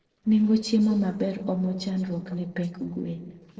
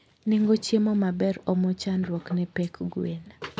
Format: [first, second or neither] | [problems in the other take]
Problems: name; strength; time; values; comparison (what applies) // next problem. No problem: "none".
second | noise reduction (neural separator model SepFormer DNS4)